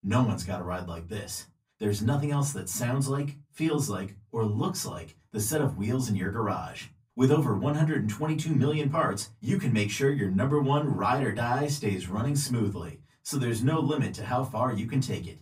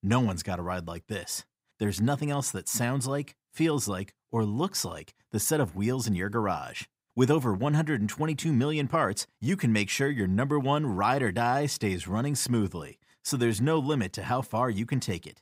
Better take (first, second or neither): second